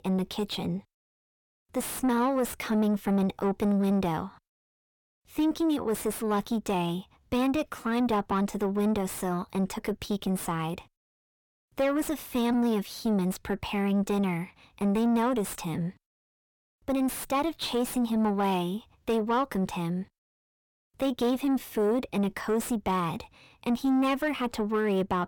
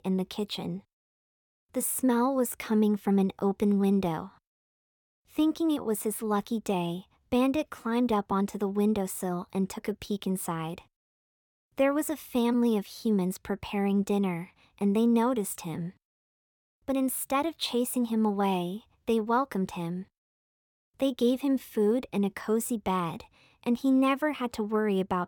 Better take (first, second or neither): second